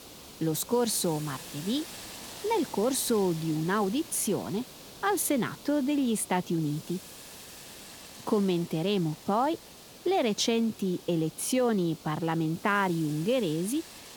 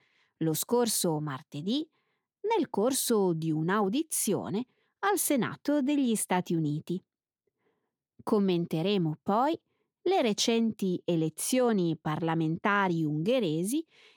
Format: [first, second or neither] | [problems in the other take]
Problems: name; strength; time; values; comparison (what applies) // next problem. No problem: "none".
second | hiss; noticeable; throughout; 15 dB below the speech